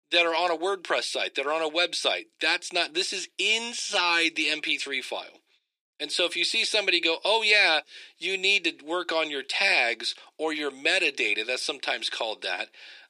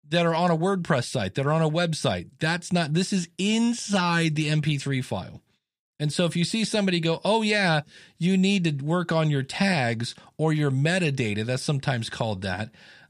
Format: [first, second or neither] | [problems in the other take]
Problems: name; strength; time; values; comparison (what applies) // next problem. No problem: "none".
second | thin; very; fading below 350 Hz